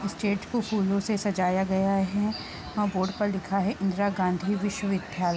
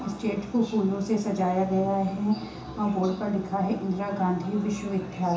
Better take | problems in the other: first | room echo; dies away in 0.7 s

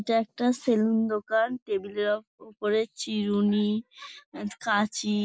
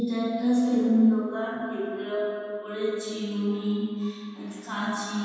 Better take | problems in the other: first | room echo; dies away in 2.1 s

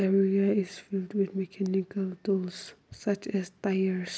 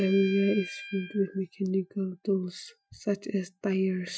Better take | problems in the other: first | noise reduction (classical method Wiener filter)

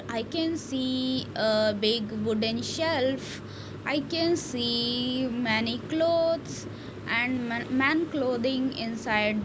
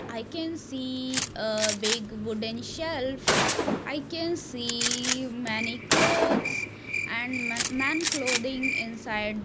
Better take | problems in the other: first | background sound (Gunshot, gunfire + Cricket); 1 dB above the speech

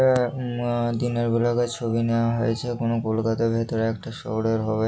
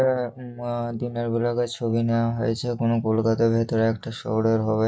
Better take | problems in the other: first | noise reduction (neural mask model DeepFilterNet 3)

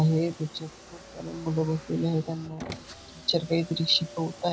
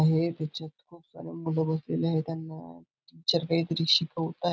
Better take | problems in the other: second | background sound (Car); 16 dB below the speech

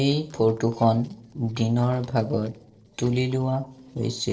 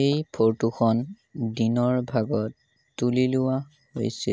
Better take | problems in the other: second | noise reduction (neural separator model SepFormer DNS4)

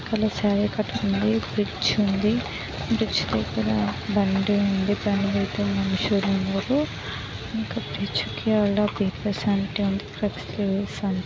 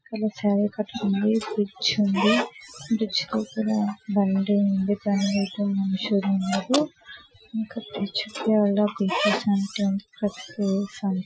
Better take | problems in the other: first | noise reduction (classical method Wiener filter)

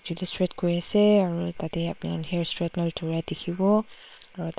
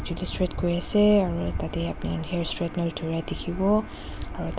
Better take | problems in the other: second | noise reduction (neural separator model SepFormer WHAM!)

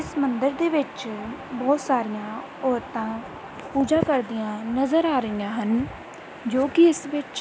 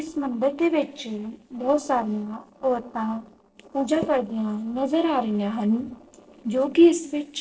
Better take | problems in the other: first | noise reduction (neural separator model SepFormer DNS4)

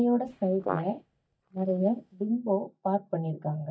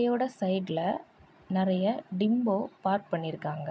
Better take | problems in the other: second | noise reduction (neural mask model DeepFilterNet 3)

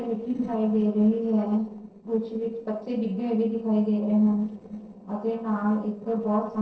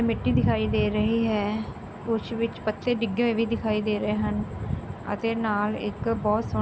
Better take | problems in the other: second | noise reduction (neural separator model SepFormer DNS4)

